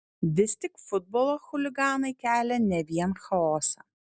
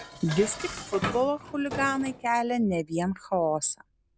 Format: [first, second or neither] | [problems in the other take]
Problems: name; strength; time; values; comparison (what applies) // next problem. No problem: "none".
first | background sound (Dishes, pots, and pans); 11 dB below the speech